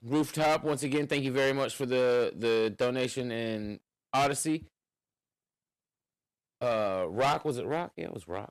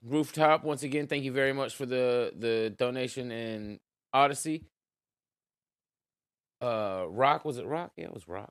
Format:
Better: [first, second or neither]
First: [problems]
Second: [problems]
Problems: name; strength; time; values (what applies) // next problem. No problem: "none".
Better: second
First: distortion; heavy; 7% of the sound clipped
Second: none